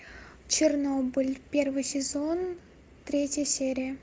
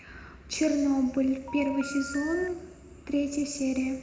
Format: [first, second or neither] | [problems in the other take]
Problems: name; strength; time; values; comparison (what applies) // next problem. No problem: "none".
first | background sound (Telephone); 12 dB below the speech // room echo; dies away in 1.8 s